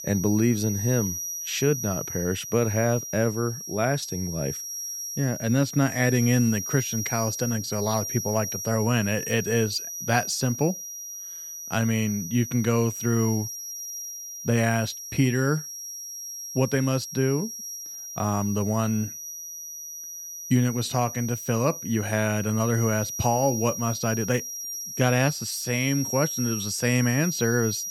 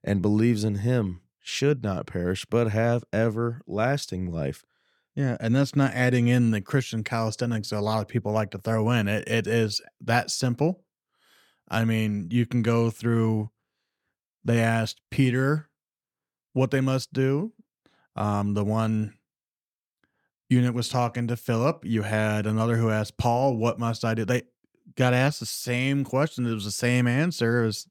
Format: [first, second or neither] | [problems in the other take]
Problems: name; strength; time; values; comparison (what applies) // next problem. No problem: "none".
second | high-pitched whine; loud; throughout; 6 kHz, 7 dB below the speech